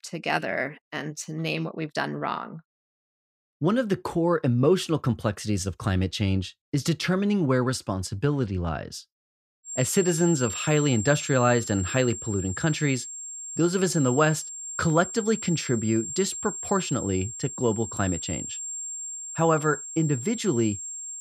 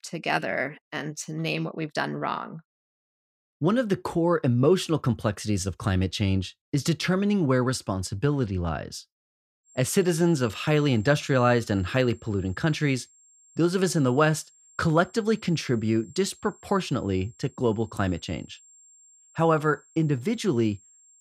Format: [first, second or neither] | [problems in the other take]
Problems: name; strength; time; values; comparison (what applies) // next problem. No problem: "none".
second | high-pitched whine; loud; from 9.5 s on; 7.5 kHz, 7 dB below the speech; faint in the second